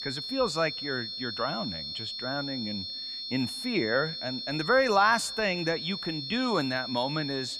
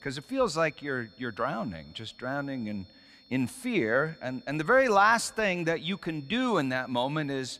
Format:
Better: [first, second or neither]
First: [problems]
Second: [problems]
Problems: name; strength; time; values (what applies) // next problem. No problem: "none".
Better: second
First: high-pitched whine; loud; throughout; 4.5 kHz, 5 dB below the speech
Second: high-pitched whine; faint; throughout; 4.5 kHz, 30 dB below the speech